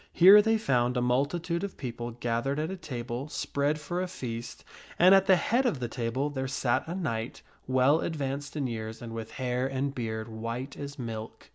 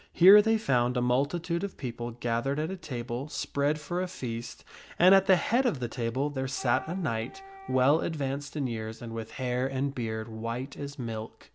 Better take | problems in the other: first | background sound (Wind instrument, woodwind instrument); 18 dB below the speech

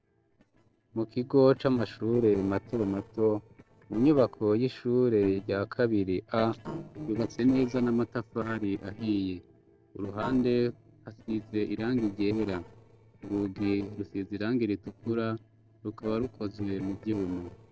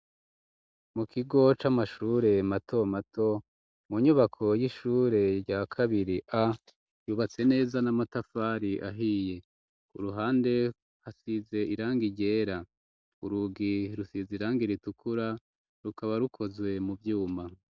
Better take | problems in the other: second | noise reduction (neural separator model SepFormer DNS4)

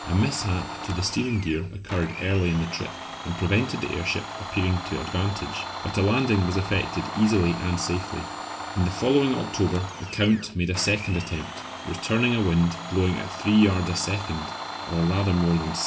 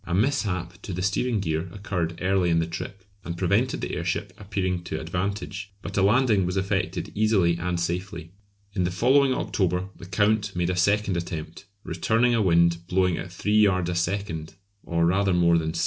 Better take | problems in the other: second | background sound (Domestic sounds, home sounds); 10 dB below the speech // room echo; dies away in 1.6 s

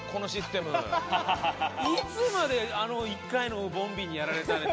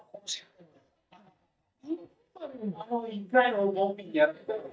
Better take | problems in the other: first | noise reduction (neural mask model DeepFilterNet 3)

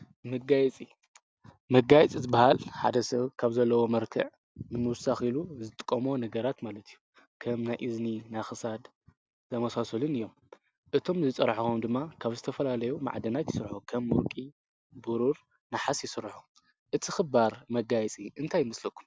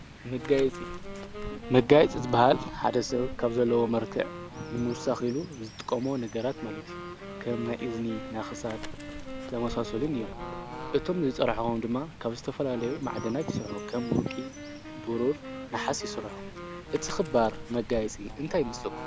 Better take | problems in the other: first | background sound (Bird / Fowl + Wind instrument, woodwind instrument); 10 dB below the speech

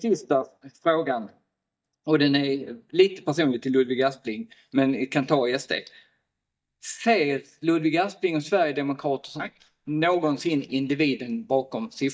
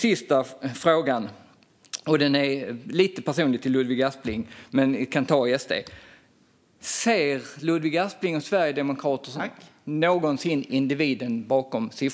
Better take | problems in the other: second | noise reduction (neural mask model DeepFilterNet 3)

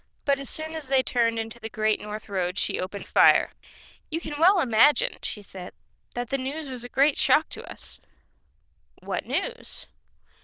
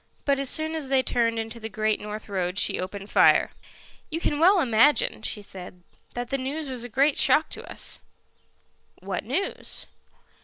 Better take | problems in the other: second | noise reduction (neural diffusion model UNIVERSE++)

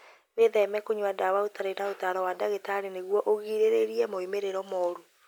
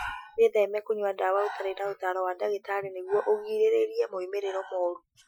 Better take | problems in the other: first | noise reduction (classical method Wiener filter)

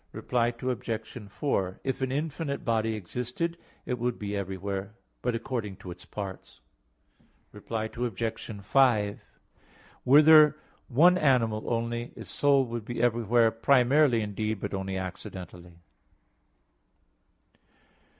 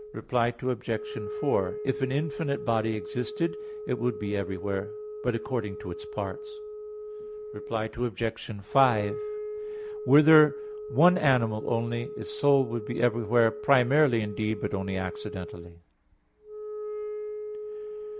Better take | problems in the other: first | background sound (Wind instrument, woodwind instrument); 10 dB below the speech

